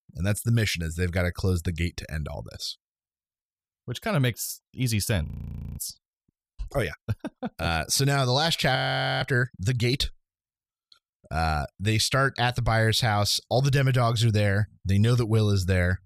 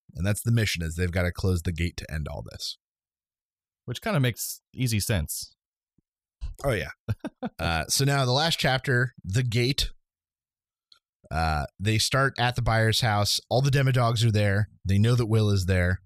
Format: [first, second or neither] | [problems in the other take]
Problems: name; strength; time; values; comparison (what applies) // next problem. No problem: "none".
second | audio freezing; at 5.5 s for 0.5 s and at 9 s